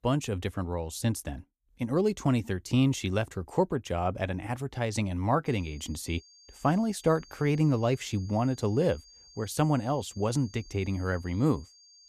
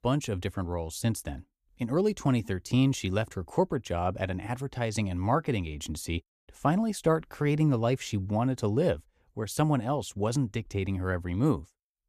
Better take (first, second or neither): second